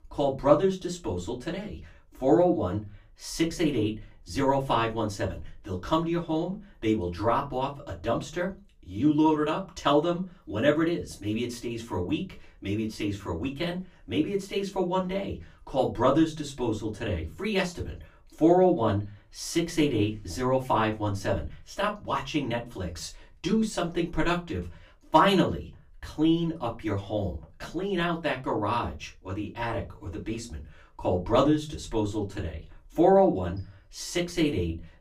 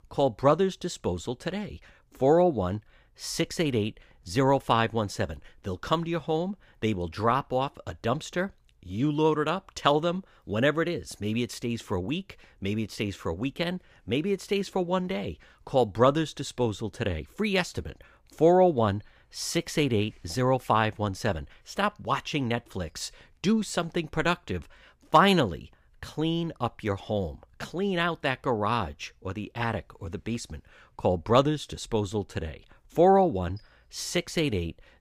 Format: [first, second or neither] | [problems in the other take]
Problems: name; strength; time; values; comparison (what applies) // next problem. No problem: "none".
second | off-mic speech; far // room echo; very slight; dies away in 0.2 s